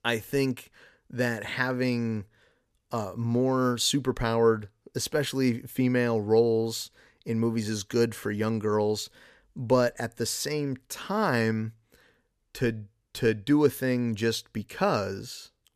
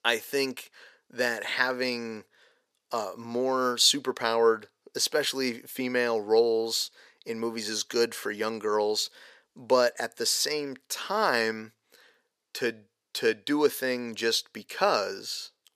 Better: first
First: none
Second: thin; somewhat; fading below 450 Hz

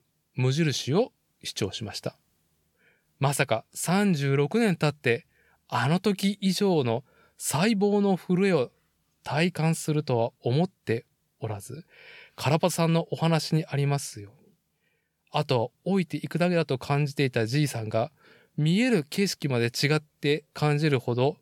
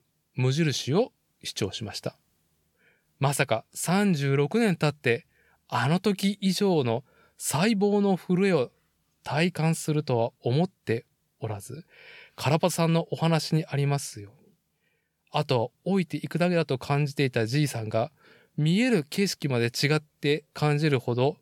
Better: neither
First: none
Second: none

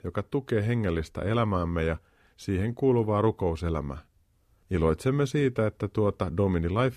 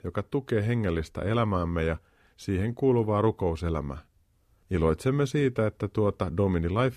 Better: neither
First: none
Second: none

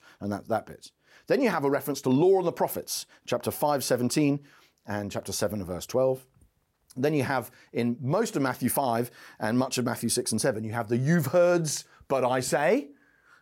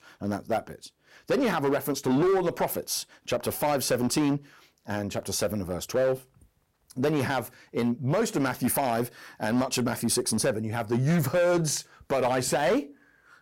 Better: first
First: none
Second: distortion; slight; 9% of the sound clipped

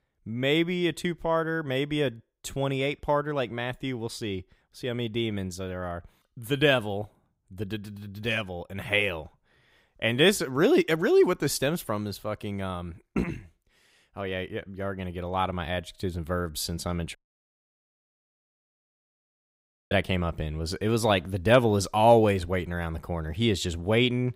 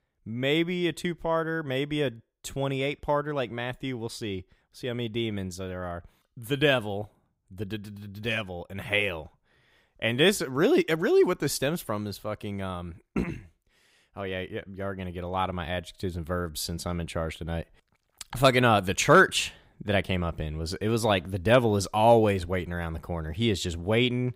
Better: second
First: audio cutting out; at 17 s for 3 s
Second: none

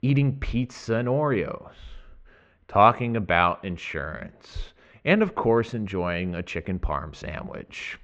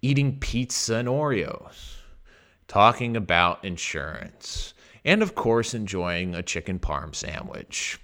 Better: second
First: muffled; very; fading above 2 kHz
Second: none

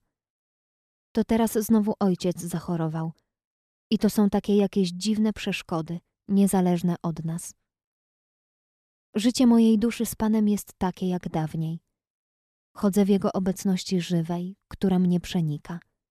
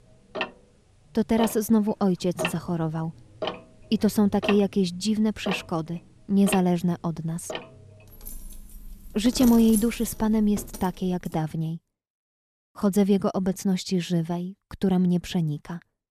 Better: first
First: none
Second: household noises; noticeable; until 11 s; 10 dB below the speech

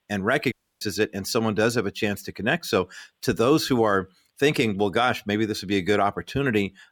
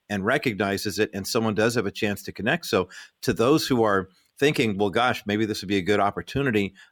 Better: second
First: audio cutting out; at 0.5 s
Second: none

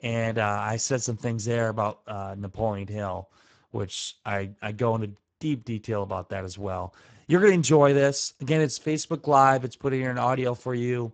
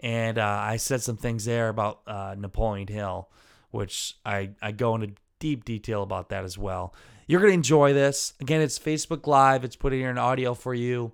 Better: second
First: garbled, watery; badly; nothing above 7.5 kHz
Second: none

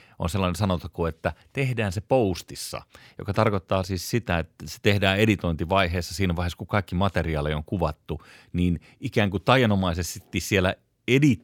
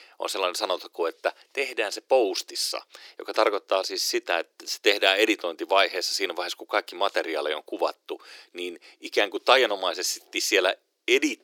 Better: first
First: none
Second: thin; very; fading below 350 Hz

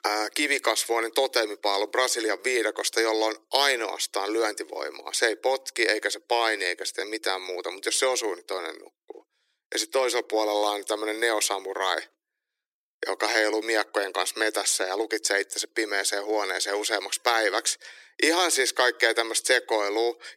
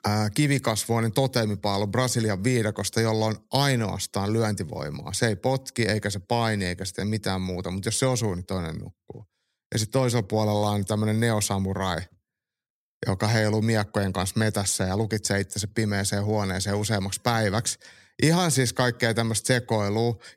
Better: second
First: thin; very; fading below 300 Hz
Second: none

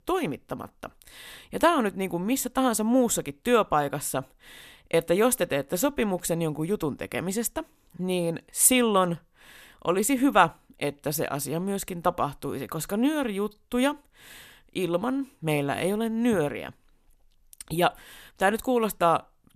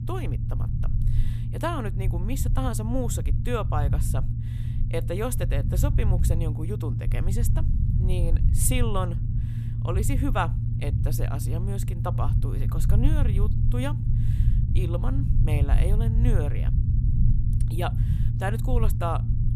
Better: first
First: none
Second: low rumble; loud; throughout; 6 dB below the speech

